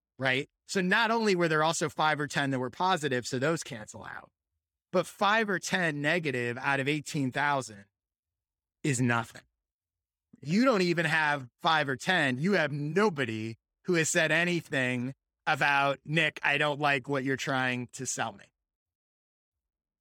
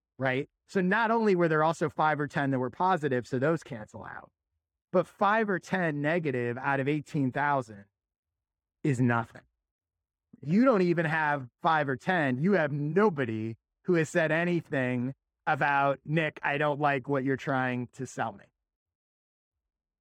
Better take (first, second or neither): first